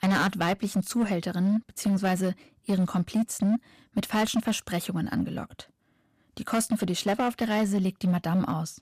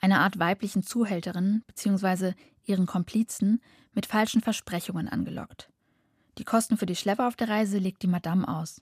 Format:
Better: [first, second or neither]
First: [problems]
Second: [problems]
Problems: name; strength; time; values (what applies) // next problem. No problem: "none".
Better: second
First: distortion; slight; 10% of the sound clipped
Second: none